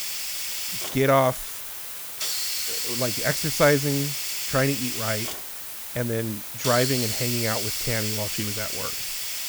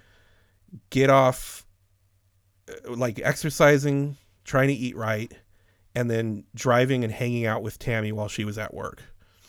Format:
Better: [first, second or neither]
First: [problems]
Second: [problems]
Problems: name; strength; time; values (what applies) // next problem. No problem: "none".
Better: second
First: hiss; loud; throughout; 1 dB below the speech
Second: none